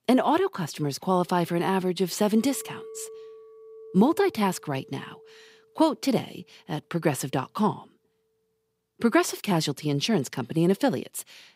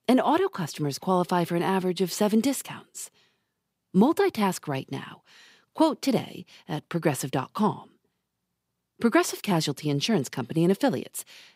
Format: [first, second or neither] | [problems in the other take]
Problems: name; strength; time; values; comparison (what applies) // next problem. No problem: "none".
second | clattering dishes; faint; from 2.5 to 6.5 s; peak 15 dB below the speech